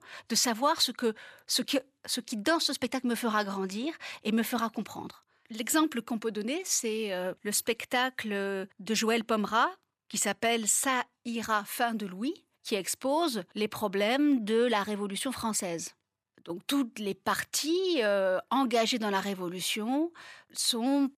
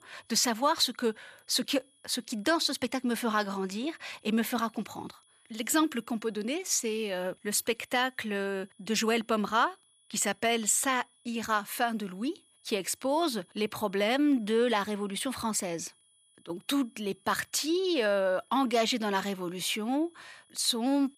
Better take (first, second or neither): first